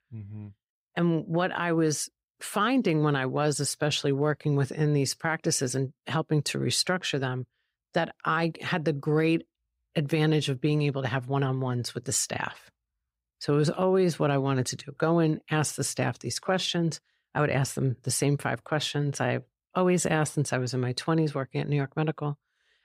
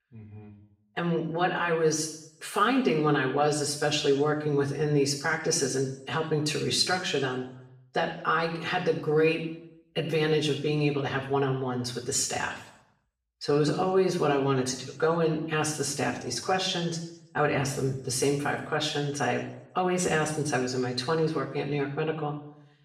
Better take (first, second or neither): first